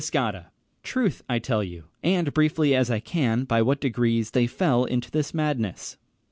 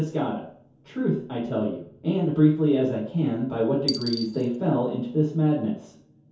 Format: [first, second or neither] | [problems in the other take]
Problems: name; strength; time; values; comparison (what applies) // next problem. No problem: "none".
first | background sound (Coin (dropping)); 13 dB below the speech // room echo; dies away in 0.6 s